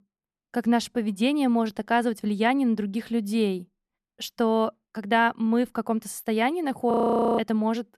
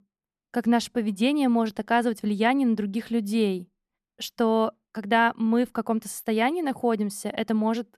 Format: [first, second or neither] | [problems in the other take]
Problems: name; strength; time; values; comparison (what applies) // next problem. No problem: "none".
second | audio freezing; at 7 s